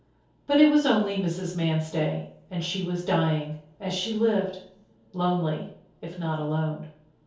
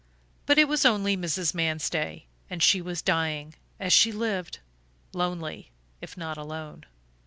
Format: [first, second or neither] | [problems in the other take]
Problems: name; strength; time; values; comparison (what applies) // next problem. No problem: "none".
second | room echo; dies away in 0.6 s